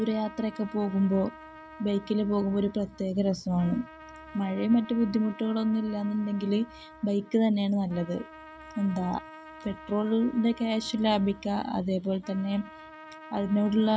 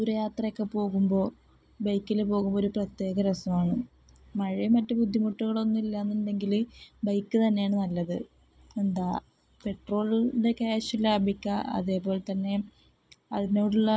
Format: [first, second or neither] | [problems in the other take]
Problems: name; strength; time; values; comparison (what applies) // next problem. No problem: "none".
second | background sound (Trumpet); 19 dB below the speech